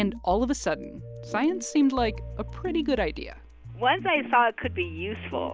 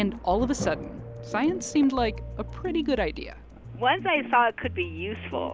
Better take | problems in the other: first | background sound (Thunder / Rain); 16 dB below the speech

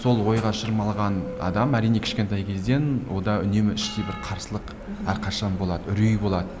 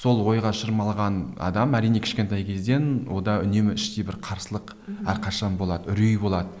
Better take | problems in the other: second | background sound (Bell); 14 dB below the speech

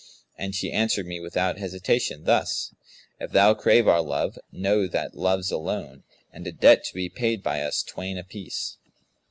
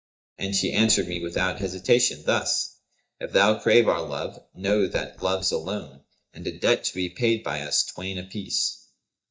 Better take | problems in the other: first | noise reduction (neural mask model DeepFilterNet 3)

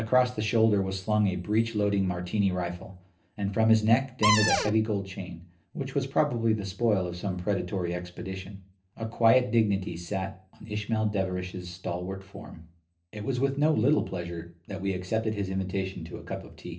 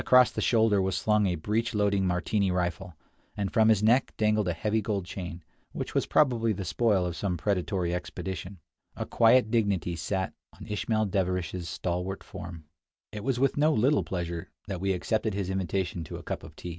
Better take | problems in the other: second | background sound (Cupboard open or close); 2 dB above the speech // room echo; dies away in 0.3 s

